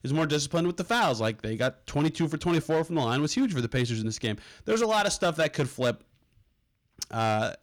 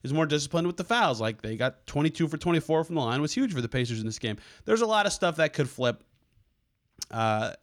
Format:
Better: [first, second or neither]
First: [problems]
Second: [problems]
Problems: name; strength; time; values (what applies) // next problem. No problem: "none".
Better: second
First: distortion; slight; 7% of the sound clipped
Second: none